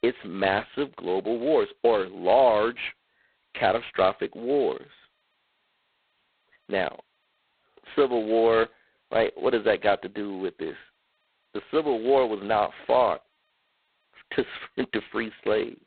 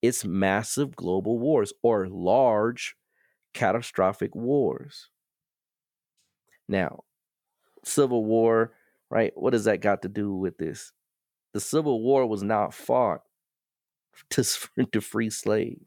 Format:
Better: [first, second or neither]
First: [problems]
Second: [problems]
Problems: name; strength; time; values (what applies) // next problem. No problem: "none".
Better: second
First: phone-call audio; poor line; nothing above 4 kHz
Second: none